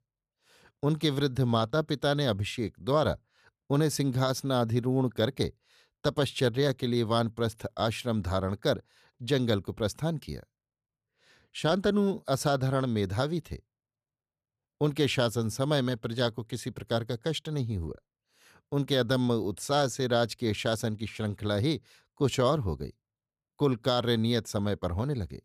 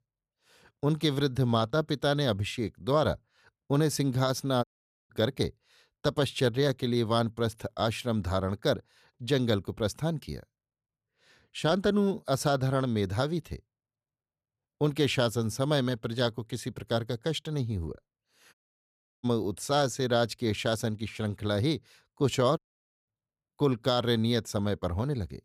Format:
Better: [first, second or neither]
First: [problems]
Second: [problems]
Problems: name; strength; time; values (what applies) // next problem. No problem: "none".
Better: first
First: none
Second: audio cutting out; at 4.5 s, at 19 s for 0.5 s and at 23 s